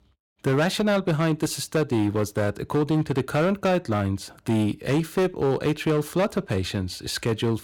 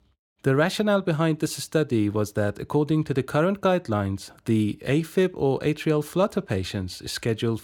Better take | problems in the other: second | distortion; slight; 13% of the sound clipped

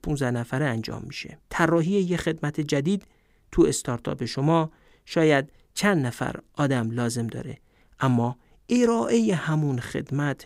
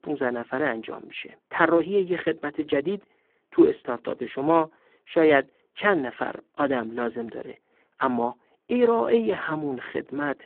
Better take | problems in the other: first | phone-call audio; poor line

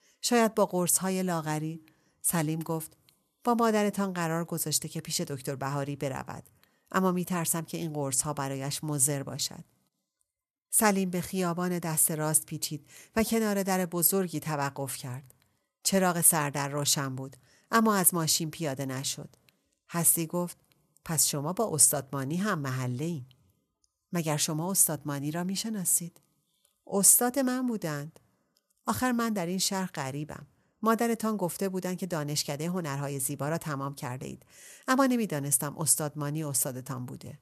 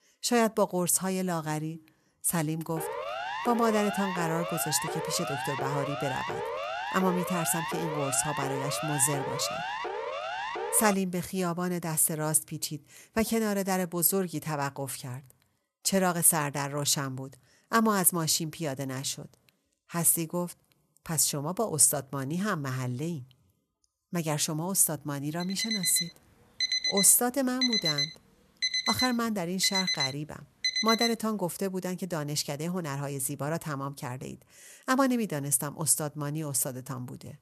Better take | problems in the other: first | siren; noticeable; from 3 to 11 s; peak 5 dB below the speech // alarm; loud; from 25 to 31 s; peak 3 dB above the speech

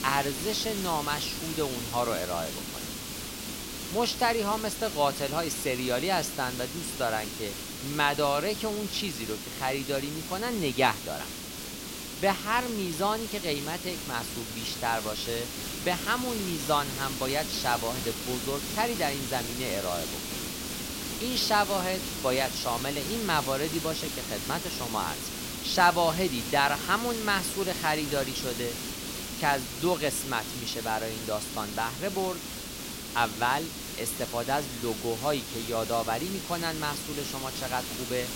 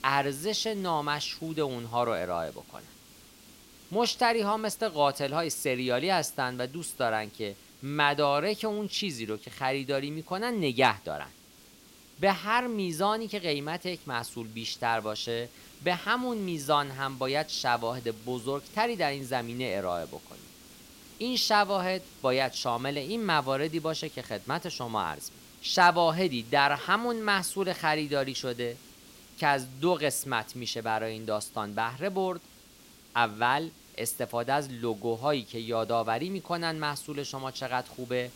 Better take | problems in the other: second | hiss; loud; throughout; 5 dB below the speech; faint in the second

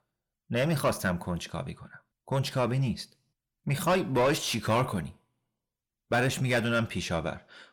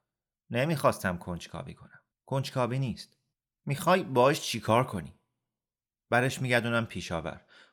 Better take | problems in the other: second | distortion; heavy; 8 dB below the speech

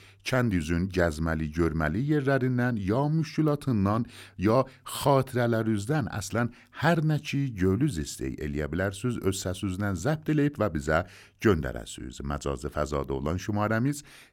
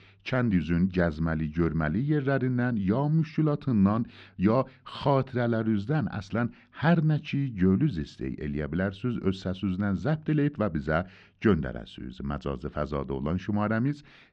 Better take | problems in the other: first | muffled; slightly; fading above 4 kHz

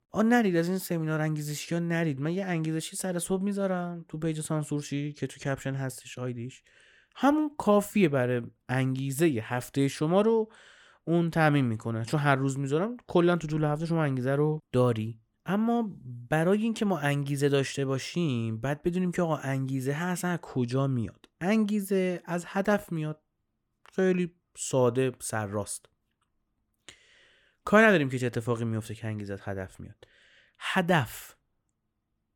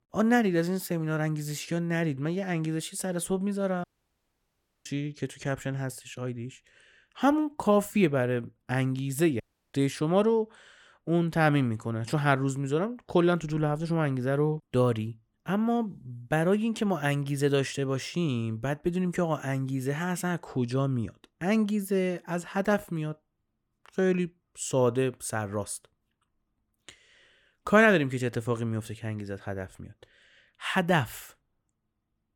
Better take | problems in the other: first | audio cutting out; at 4 s for 1 s and at 9.5 s

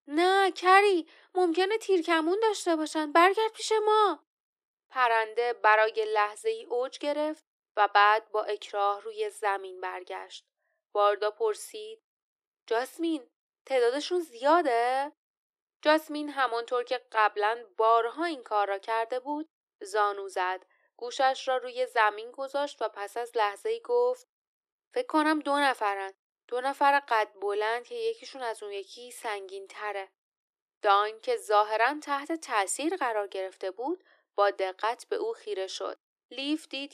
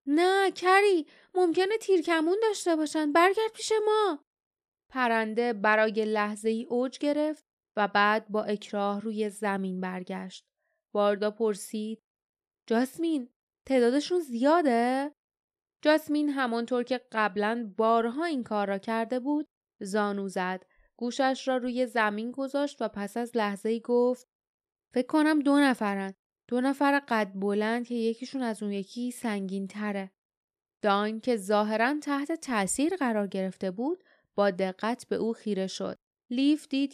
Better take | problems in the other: second | thin; very; fading below 300 Hz

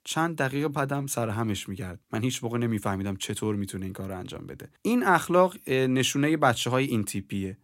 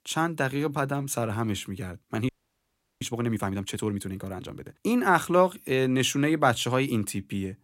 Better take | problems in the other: first | audio freezing; at 2.5 s for 0.5 s

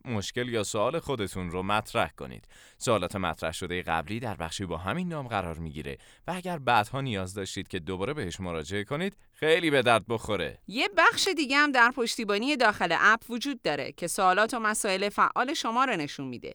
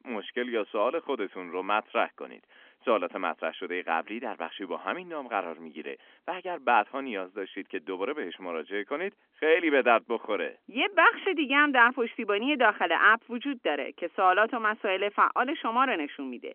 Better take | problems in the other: first | phone-call audio; nothing above 3.5 kHz

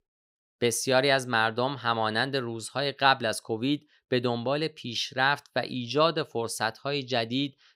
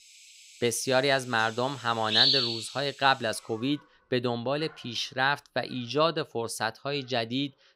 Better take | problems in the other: first | animal sounds; very loud; throughout; 5 dB above the speech

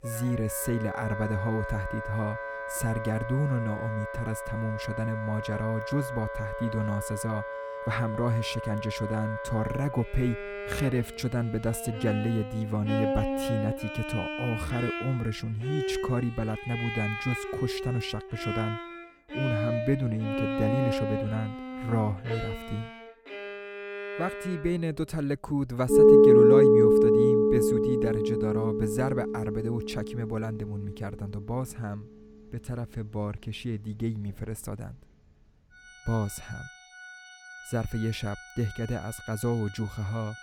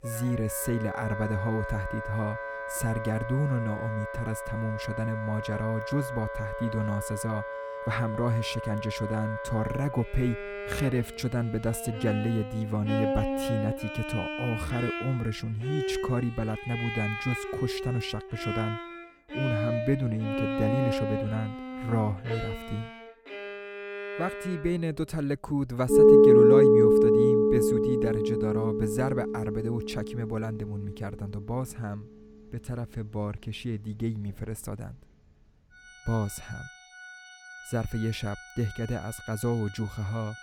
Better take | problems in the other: neither | background music; very loud; throughout; 4 dB above the speech; the same in both

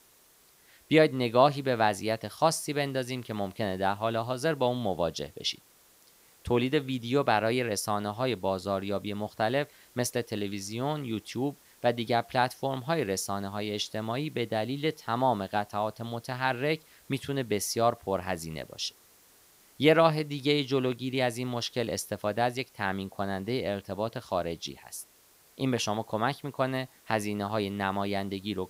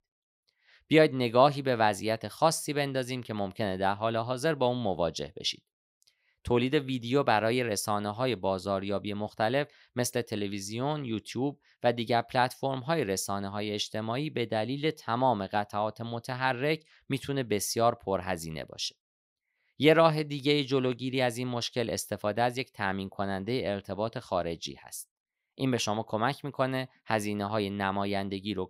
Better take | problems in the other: second | hiss; faint; throughout; 25 dB below the speech

